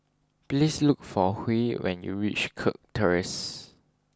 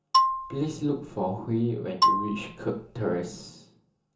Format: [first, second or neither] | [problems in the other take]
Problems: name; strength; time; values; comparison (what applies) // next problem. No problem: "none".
first | background sound (Marimba, xylophone); 3 dB above the speech // room echo; dies away in 0.8 s